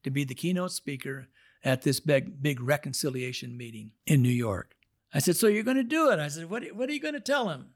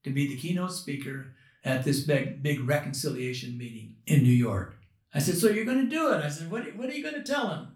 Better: first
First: none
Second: room echo; slight; dies away in 0.3 s // off-mic speech; far

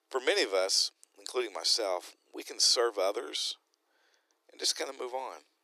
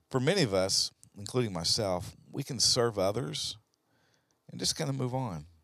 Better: second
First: thin; very; fading below 300 Hz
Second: none

